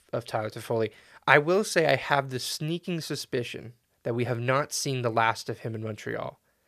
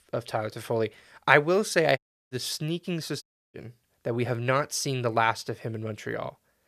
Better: first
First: none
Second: audio cutting out; at 2 s and at 3 s

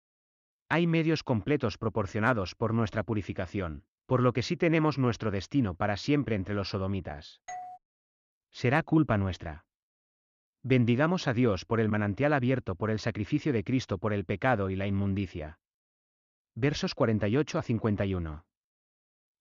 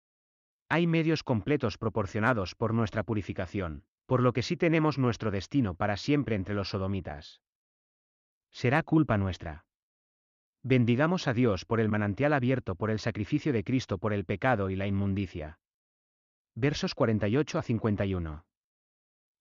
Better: second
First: doorbell; faint; at 7.5 s; peak 15 dB below the speech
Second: none

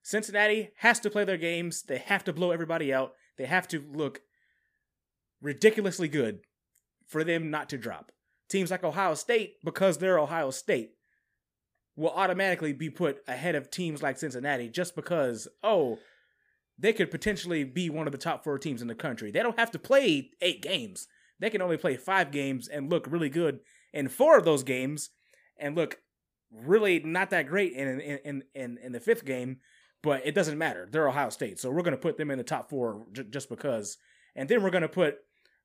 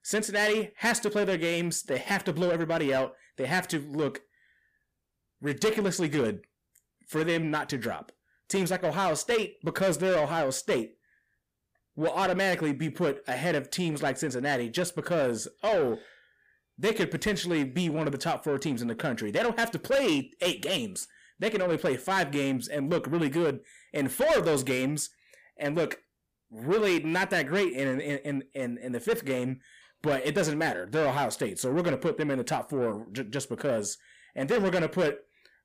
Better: first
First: none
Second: distortion; heavy; 7 dB below the speech

